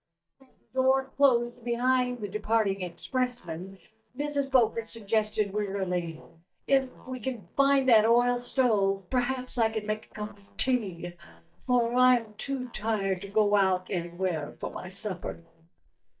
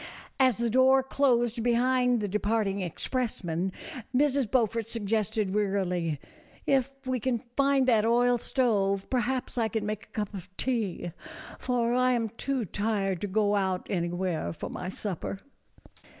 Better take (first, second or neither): second